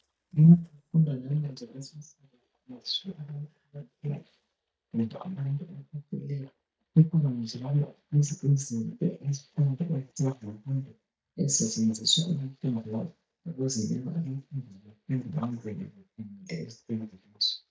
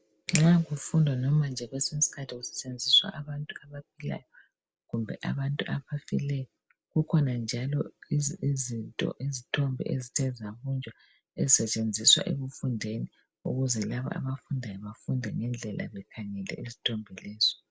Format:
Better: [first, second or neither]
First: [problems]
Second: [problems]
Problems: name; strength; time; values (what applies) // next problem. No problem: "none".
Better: second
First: noise reduction (neural mask model DeepFilterNet 3)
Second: none